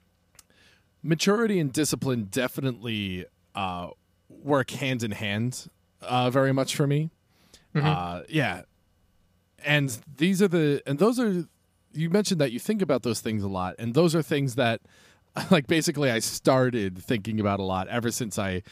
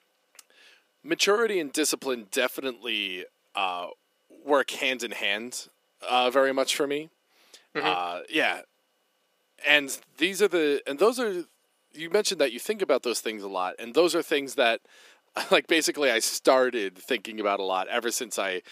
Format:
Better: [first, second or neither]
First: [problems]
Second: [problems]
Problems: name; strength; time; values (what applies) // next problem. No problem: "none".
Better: first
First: none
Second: thin; somewhat; fading below 350 Hz